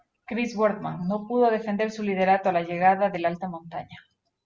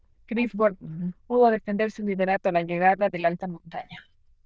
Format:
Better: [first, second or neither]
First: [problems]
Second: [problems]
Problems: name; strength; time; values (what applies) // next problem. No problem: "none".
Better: first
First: none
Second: noise reduction (neural diffusion model UNIVERSE++)